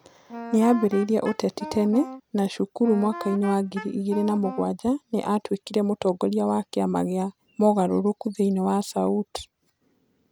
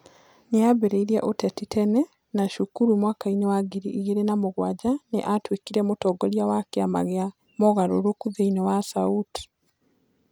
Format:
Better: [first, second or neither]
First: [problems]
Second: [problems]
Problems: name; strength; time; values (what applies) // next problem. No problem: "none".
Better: second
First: background sound (Wind instrument, woodwind instrument); 13 dB below the speech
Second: none